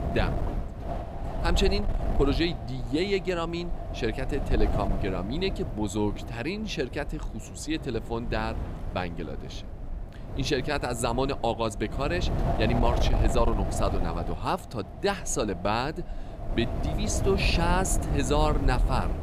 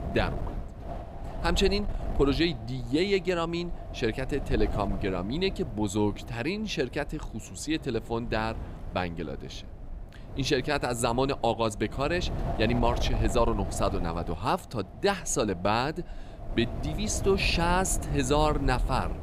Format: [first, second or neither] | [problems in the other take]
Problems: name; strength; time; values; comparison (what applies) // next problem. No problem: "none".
second | wind noise on the microphone; heavy; 8 dB below the speech; occasional gusts in the second